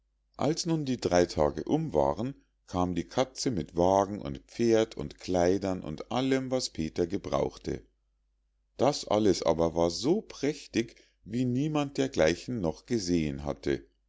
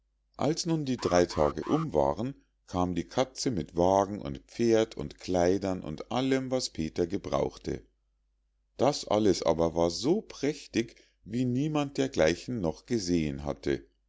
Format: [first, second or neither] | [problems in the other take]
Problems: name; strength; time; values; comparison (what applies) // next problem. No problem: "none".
first | background sound (Alarm); 14 dB below the speech